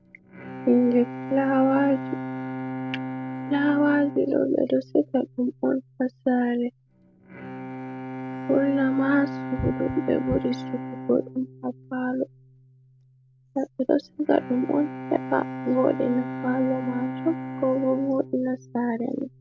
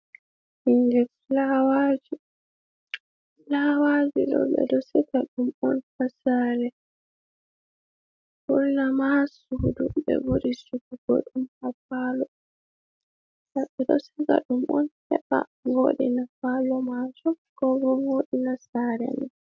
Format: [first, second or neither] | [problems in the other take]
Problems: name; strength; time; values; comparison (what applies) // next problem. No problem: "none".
second | background sound (Bowed string instrument); 10 dB below the speech